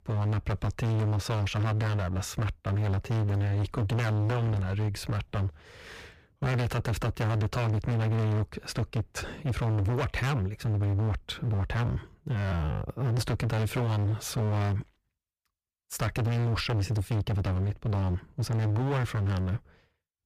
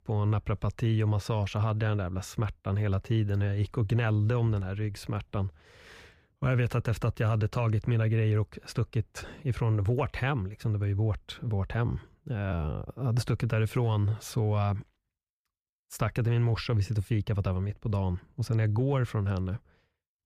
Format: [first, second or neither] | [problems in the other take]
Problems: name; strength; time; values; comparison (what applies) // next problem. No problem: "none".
second | distortion; heavy; 33% of the sound clipped